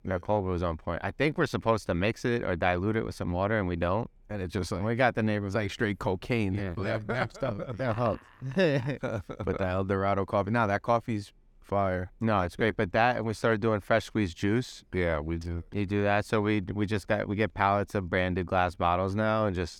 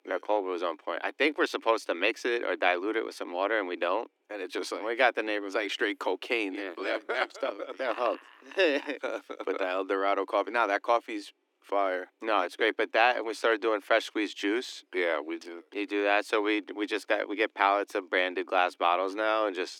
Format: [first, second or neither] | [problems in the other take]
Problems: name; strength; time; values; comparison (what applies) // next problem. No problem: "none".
first | thin; somewhat; fading below 300 Hz